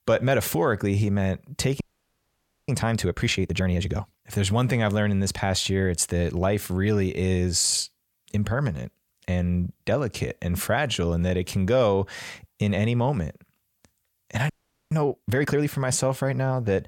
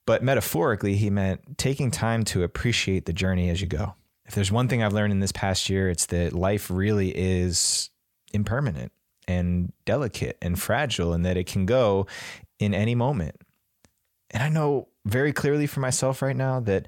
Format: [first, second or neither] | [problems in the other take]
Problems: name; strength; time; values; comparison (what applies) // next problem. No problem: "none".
second | audio freezing; at 2 s for 1 s and at 15 s